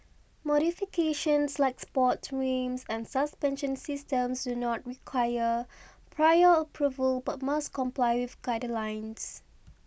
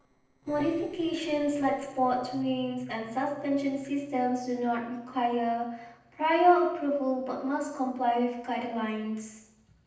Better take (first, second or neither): first